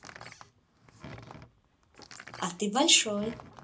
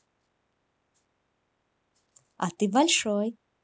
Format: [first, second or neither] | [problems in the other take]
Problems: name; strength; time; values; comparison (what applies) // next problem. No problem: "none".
second | background sound (Door); 17 dB below the speech // room echo; dies away in 0.2 s